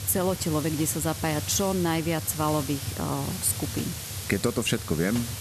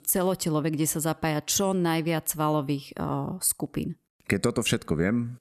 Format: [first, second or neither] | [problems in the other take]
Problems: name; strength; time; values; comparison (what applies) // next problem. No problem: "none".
second | hiss; loud; throughout; 7 dB below the speech